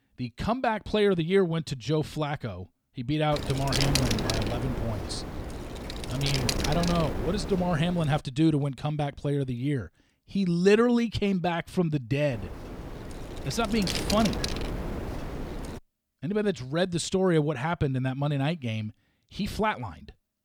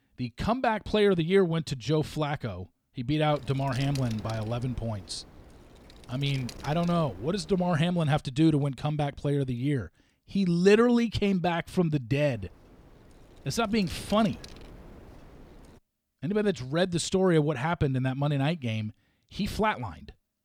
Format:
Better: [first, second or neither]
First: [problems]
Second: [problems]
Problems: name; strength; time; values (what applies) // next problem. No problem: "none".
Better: second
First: wind noise on the microphone; heavy; from 3.5 to 8 s and from 12 to 16 s; 4 dB below the speech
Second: wind noise on the microphone; occasional gusts; from 3.5 to 8 s and from 12 to 16 s; 20 dB below the speech